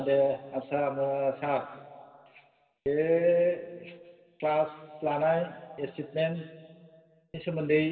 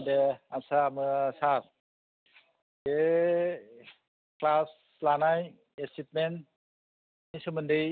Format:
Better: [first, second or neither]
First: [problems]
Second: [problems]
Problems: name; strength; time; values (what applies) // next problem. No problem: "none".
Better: second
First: room echo; dies away in 1.8 s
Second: none